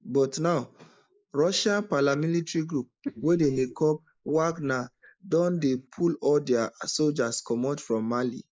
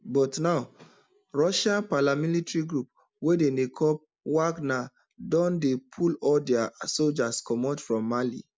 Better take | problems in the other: second | noise reduction (neural mask model Resemble Enhance denoiser)

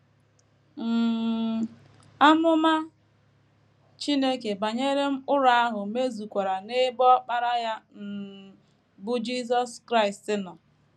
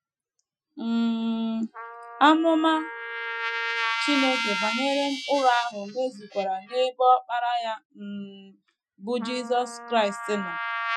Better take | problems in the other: first | noise reduction (classical method Wiener filter)

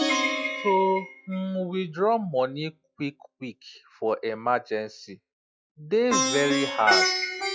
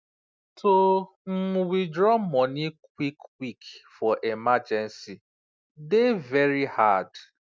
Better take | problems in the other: second | noise reduction (classical method log-MMSE)

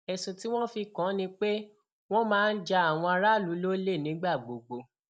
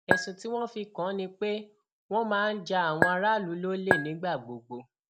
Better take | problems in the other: first | background sound (Chink, clink); 2 dB above the speech

